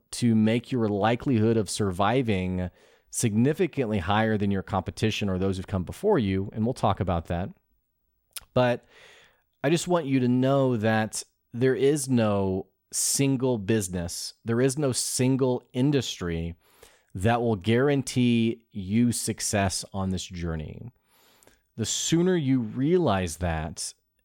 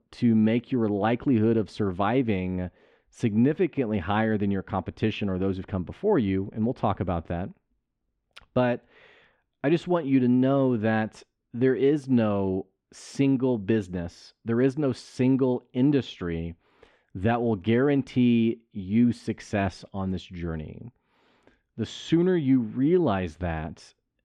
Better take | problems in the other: first | muffled; slightly; fading above 2.5 kHz

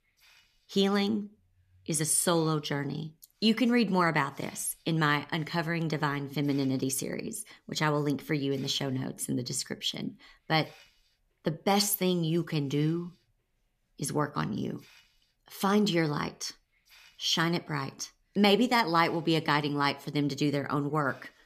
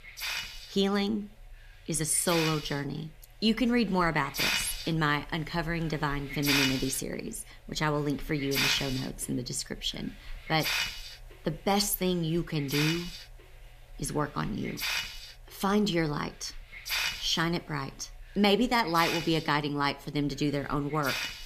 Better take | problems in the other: first | hiss; loud; throughout; 2 dB below the speech; faint in the first

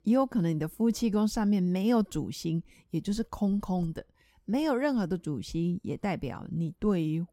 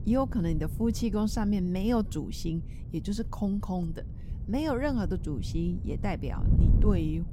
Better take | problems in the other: first | wind noise on the microphone; occasional gusts; 15 dB below the speech

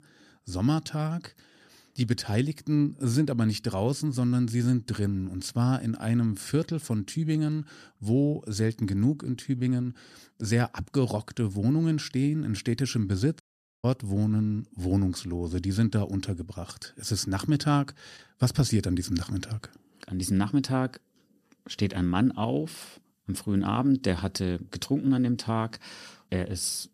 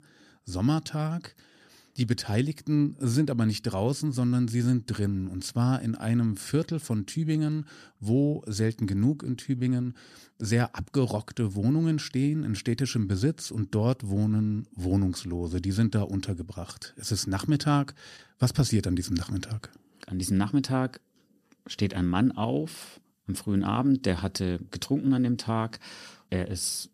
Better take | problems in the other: second | audio cutting out; at 13 s

